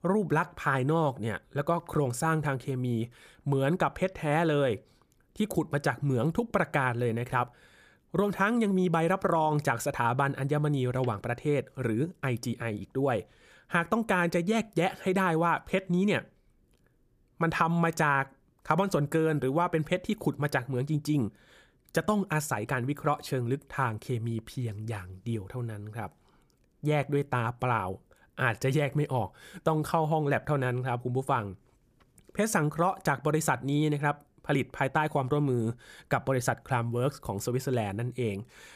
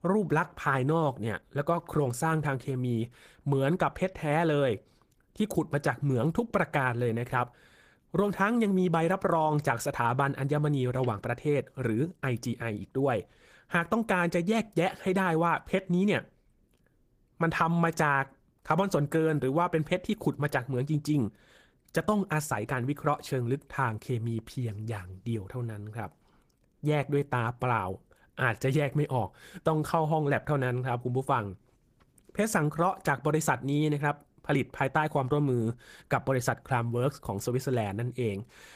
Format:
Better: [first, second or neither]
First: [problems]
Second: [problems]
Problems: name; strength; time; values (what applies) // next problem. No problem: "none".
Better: first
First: none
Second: garbled, watery; slightly; nothing above 15 kHz